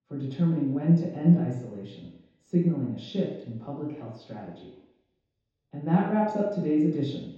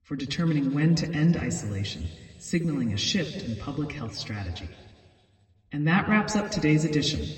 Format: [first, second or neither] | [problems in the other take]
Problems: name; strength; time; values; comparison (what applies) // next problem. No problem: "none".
second | room echo; strong; dies away in 0.8 s; slight in the second // off-mic speech; far; somewhat distant in the second